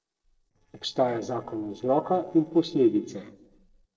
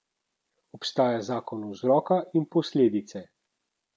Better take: second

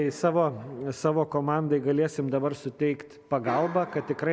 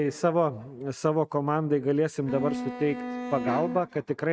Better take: first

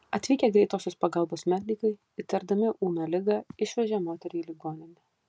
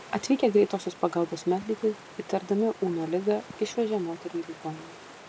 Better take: first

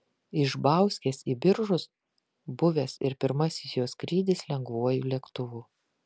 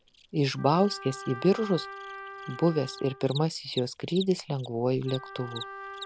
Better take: first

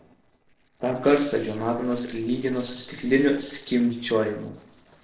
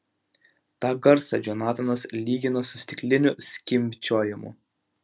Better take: second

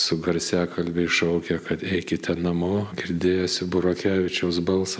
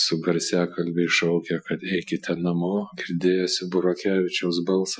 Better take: first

